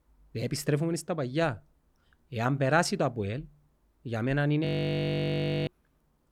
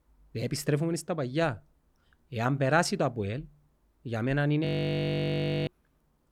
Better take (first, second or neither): neither